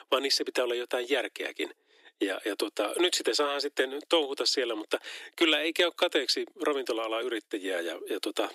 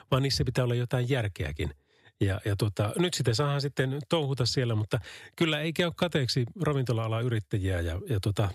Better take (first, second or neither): second